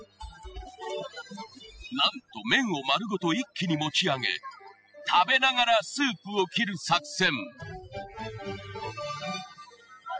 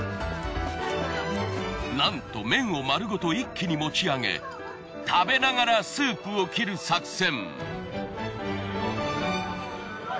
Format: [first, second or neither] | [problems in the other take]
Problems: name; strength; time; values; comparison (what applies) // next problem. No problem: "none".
second | noise reduction (classical method spectral subtraction)